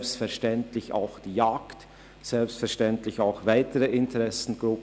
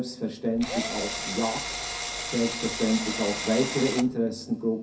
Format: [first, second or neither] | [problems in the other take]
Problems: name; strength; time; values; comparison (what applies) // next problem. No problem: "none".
first | background sound (Drill); 4 dB below the speech // room echo; dies away in 0.3 s